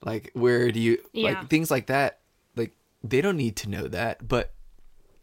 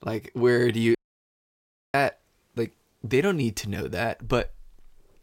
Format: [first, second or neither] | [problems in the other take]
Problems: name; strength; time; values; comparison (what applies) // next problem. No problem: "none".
first | audio cutting out; at 1 s for 1 s